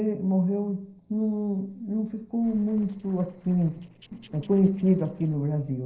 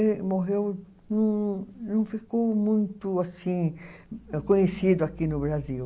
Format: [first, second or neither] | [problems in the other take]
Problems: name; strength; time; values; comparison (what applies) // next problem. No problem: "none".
second | noise reduction (neural separator model SepFormer DNS4)